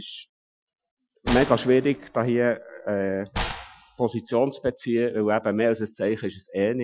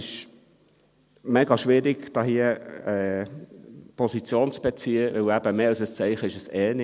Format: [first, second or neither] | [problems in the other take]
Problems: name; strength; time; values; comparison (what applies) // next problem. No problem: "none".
second | noise reduction (classical method Wiener filter)